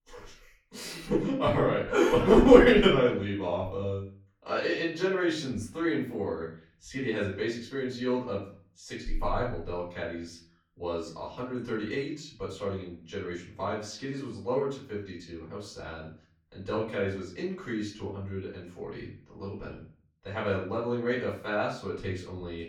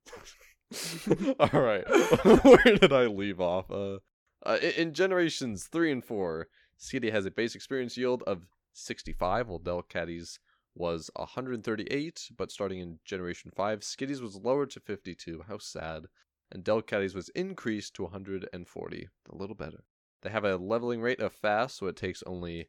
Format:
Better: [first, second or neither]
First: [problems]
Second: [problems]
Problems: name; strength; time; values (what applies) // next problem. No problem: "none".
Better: second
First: off-mic speech; far // room echo; slight; dies away in 0.4 s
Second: none